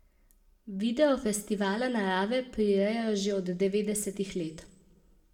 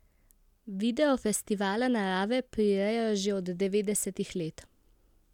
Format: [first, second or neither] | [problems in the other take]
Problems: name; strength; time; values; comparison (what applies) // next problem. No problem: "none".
second | room echo; dies away in 0.5 s